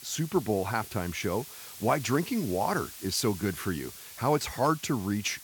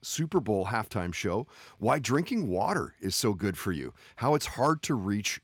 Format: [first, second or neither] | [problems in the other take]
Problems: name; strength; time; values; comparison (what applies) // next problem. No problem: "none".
second | hiss; noticeable; throughout; 15 dB below the speech